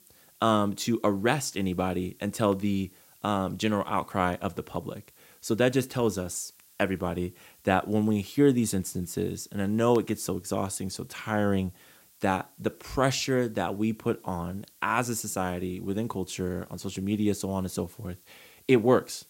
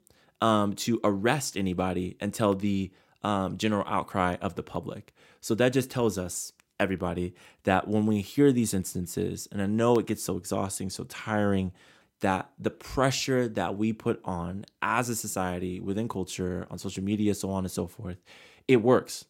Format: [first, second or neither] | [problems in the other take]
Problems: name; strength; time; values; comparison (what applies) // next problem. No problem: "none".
second | hiss; faint; throughout; 25 dB below the speech